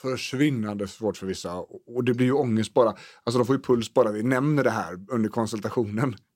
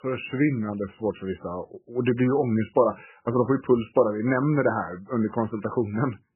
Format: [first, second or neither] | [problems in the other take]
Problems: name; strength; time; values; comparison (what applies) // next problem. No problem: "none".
first | garbled, watery; badly; nothing above 3 kHz